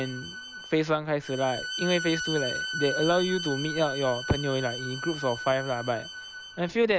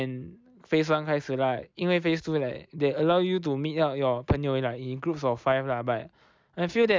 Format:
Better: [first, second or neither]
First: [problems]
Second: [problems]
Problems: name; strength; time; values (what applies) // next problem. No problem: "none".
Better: second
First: background sound (Bowed string instrument); 8 dB below the speech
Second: none